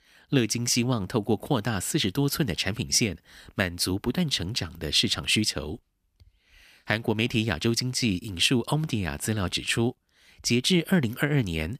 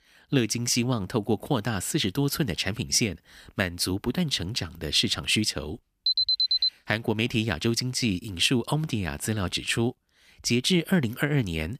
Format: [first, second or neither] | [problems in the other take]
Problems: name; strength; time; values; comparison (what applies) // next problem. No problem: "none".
first | alarm; loud; at 6 s; peak 5 dB above the speech